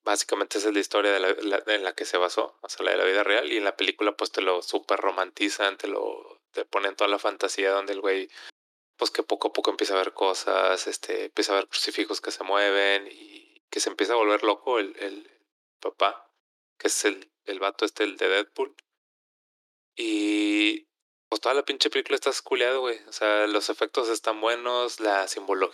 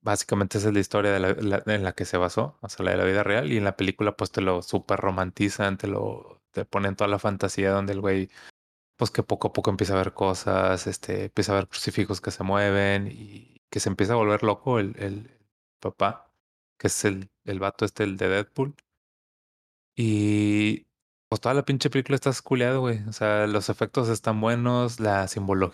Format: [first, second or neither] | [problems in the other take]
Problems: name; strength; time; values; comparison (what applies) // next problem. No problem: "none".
second | thin; very; fading below 300 Hz